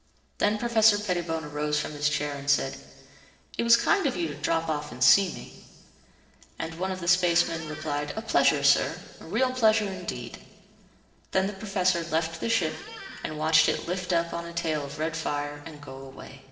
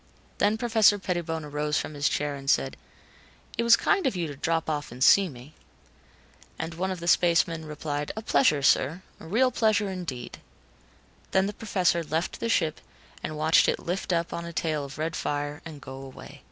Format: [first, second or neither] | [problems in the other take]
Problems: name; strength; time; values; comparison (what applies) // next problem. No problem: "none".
second | noise reduction (neural separator model SepFormer DNS4)